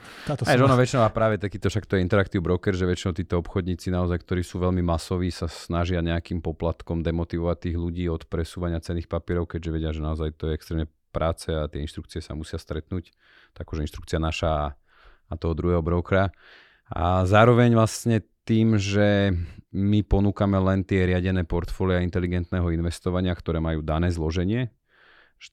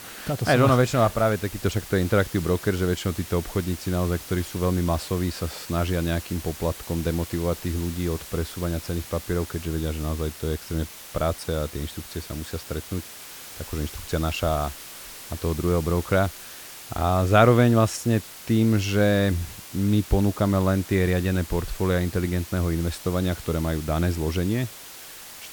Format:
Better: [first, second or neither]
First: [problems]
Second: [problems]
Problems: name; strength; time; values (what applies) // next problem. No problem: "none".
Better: first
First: none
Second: hiss; noticeable; throughout; 15 dB below the speech